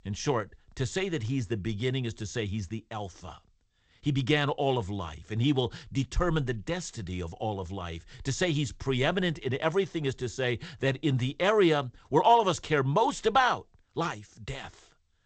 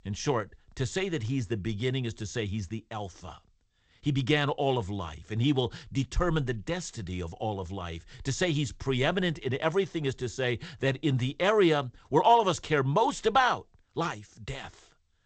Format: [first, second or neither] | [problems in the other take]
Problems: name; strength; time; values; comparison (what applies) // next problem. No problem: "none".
neither | garbled, watery; slightly; nothing above 8 kHz; the same in both